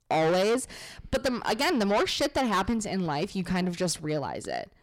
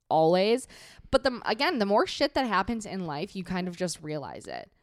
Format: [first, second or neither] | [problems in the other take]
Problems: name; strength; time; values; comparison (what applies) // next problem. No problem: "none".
second | distortion; heavy; 6 dB below the speech